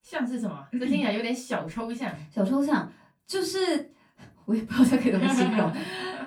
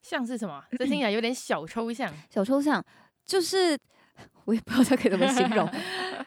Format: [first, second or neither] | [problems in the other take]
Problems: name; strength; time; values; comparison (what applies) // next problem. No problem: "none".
second | off-mic speech; far // room echo; very slight; dies away in 0.2 s